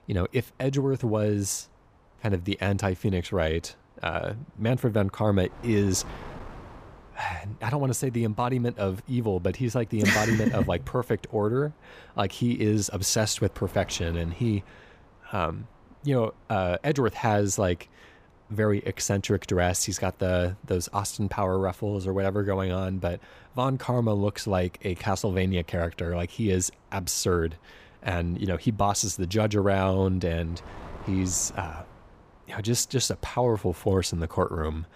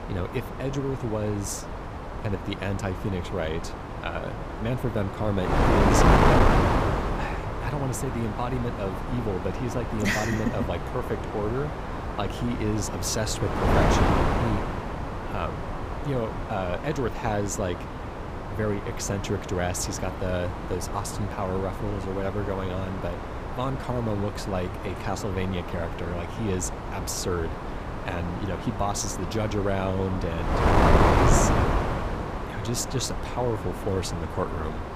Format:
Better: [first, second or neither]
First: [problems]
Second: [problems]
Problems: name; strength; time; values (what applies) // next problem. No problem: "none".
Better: first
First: wind noise on the microphone; occasional gusts; 25 dB below the speech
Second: wind noise on the microphone; heavy; 2 dB above the speech